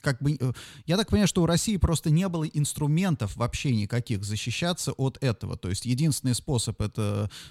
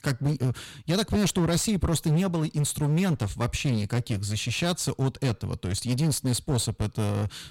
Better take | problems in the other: first | distortion; slight; 17% of the sound clipped

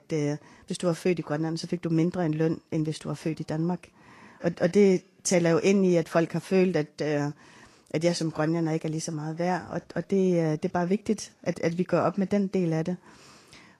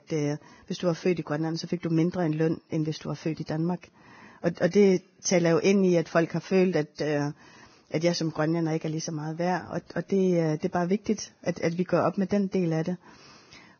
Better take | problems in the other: first | garbled, watery; badly; nothing above 6.5 kHz; slightly in the first

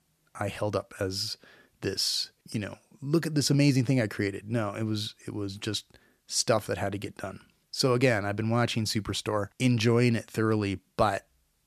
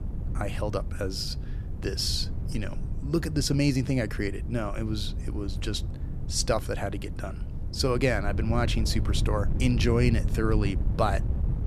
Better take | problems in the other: first | wind noise on the microphone; occasional gusts; 15 dB below the speech

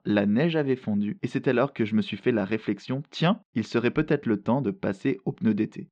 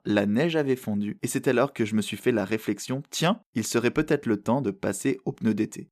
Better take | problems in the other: second | muffled; slightly; fading above 4 kHz

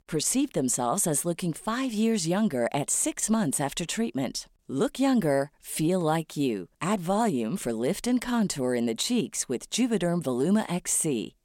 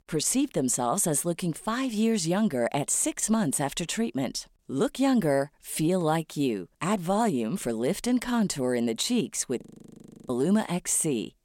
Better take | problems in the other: first | audio freezing; at 9.5 s for 0.5 s

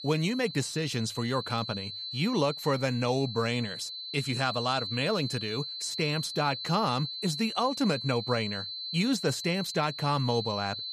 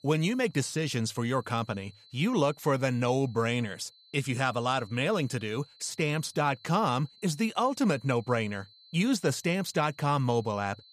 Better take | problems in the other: second | high-pitched whine; loud; throughout; 4 kHz, 6 dB below the speech; faint in the second

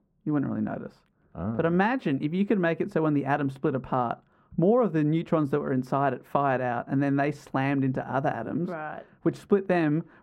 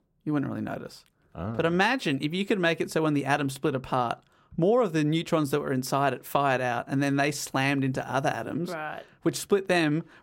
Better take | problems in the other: second | muffled; very; fading above 3 kHz

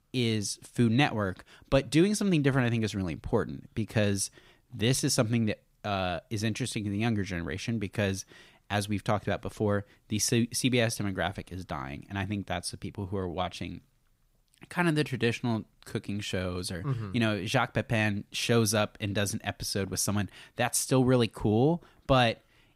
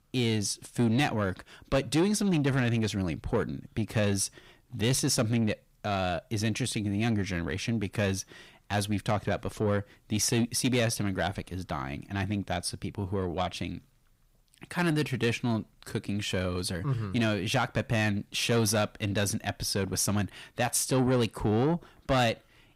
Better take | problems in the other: first | distortion; slight; 10 dB below the speech

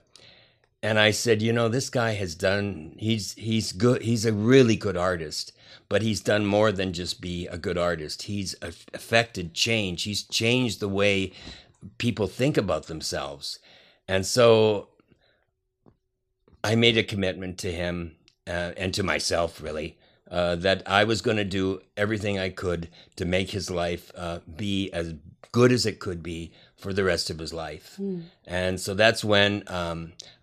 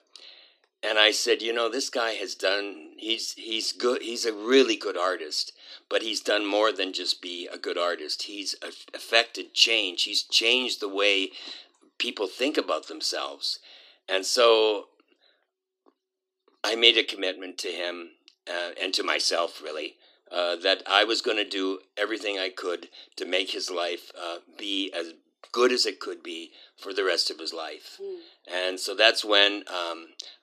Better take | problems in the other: first | thin; somewhat; fading below 250 Hz

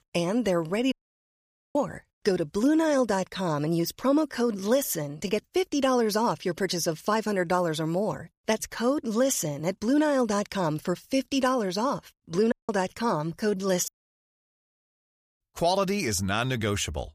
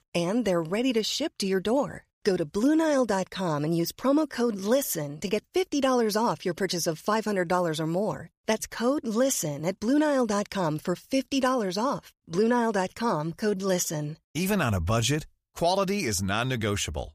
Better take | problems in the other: second | audio cutting out; at 1 s for 1 s, at 13 s and at 14 s for 1.5 s

